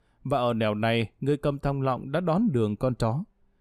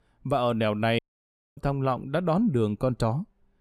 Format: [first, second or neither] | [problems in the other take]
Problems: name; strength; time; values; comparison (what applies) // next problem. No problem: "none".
first | audio cutting out; at 1 s for 0.5 s